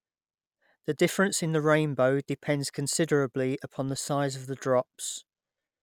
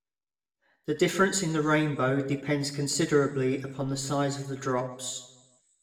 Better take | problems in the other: first | room echo; dies away in 0.7 s

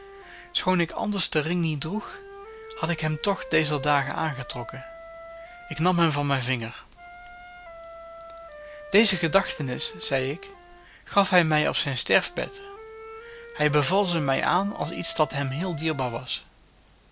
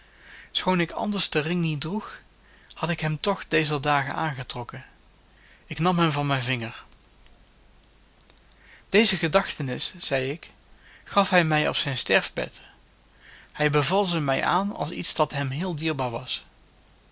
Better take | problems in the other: second | background sound (Wind instrument, woodwind instrument); 16 dB below the speech

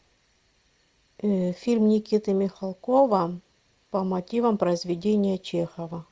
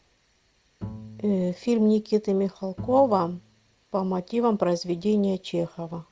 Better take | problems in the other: first | background sound (Bowed string instrument); 17 dB below the speech

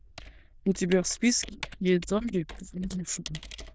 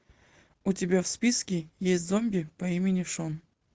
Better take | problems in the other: second | noise reduction (neural diffusion model UNIVERSE++)

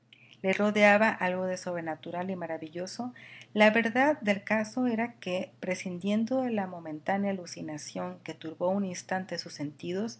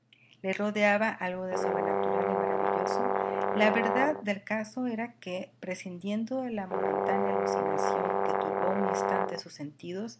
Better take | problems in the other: first | background sound (Brass instrument); 4 dB above the speech

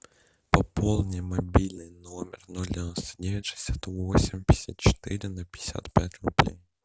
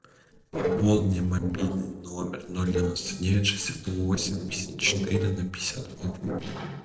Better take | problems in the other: first | noise reduction (neural separator model SepFormer DNS4)

